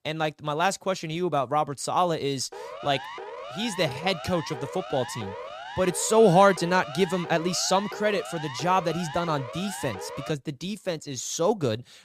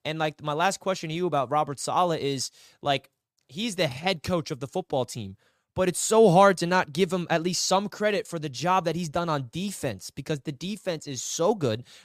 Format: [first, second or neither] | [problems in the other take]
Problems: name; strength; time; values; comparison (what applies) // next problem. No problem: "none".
second | siren; faint; from 2.5 to 10 s; peak 10 dB below the speech